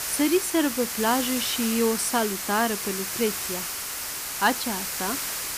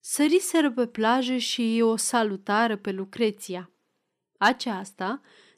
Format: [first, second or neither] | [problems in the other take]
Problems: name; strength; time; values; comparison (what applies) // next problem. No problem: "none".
second | hiss; loud; throughout; 2 dB below the speech